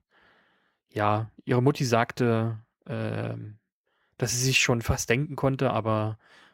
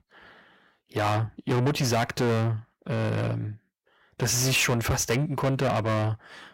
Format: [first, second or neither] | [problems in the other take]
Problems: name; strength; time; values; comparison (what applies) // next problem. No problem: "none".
first | distortion; heavy; 6 dB below the speech